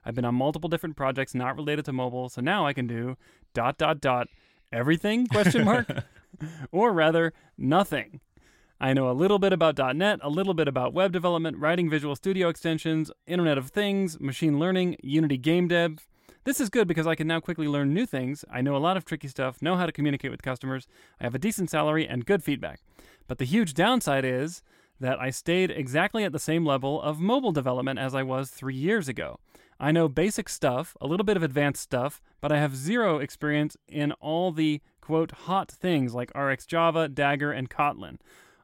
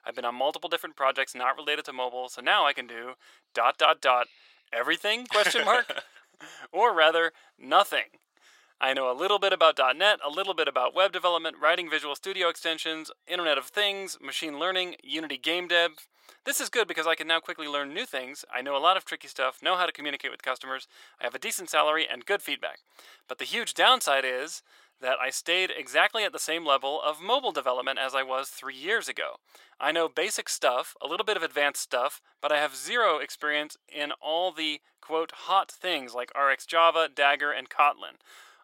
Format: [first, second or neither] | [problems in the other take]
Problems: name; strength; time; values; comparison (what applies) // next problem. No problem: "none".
first | thin; very; fading below 550 Hz